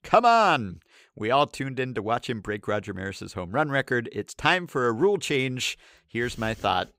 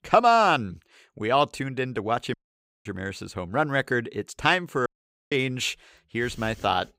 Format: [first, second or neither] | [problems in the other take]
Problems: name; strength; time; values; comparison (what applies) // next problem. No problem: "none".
first | audio cutting out; at 2.5 s for 0.5 s and at 5 s